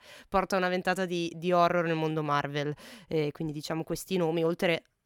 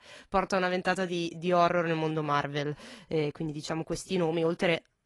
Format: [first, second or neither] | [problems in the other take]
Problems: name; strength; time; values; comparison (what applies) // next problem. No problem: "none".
first | garbled, watery; slightly; nothing above 10.5 kHz